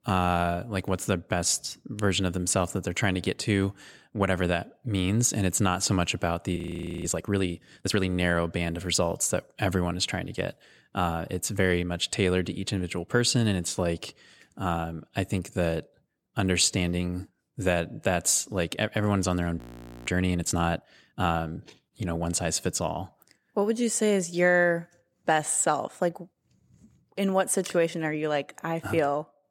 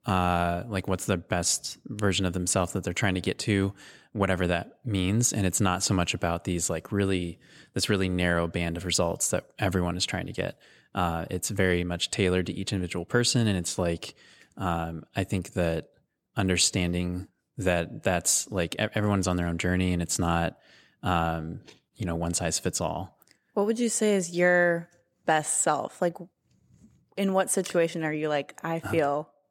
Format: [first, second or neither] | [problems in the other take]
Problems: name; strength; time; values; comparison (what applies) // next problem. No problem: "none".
second | audio freezing; at 6.5 s and at 20 s